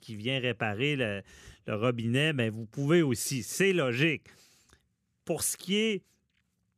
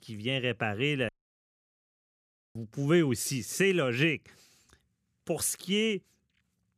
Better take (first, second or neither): first